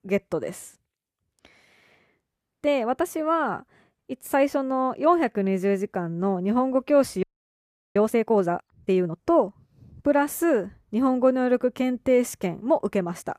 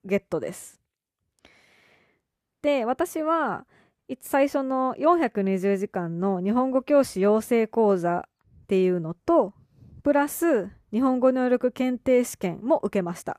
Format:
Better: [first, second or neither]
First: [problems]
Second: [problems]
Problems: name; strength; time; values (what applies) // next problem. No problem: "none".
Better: second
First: audio freezing; at 7 s for 0.5 s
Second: none